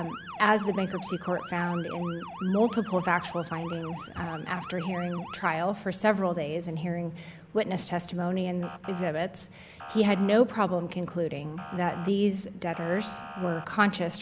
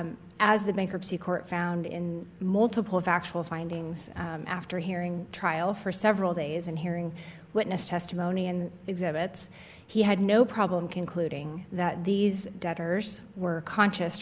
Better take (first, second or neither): second